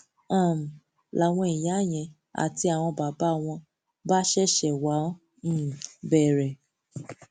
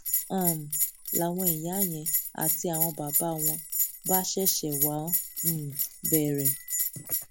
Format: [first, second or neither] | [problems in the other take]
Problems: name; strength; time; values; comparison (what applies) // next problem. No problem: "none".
first | background sound (Bell); 2 dB above the speech